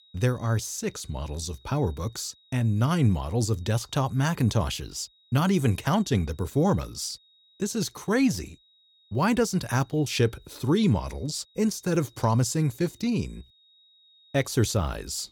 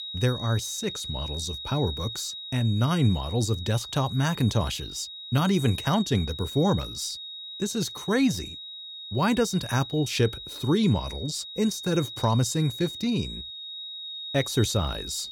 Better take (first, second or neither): first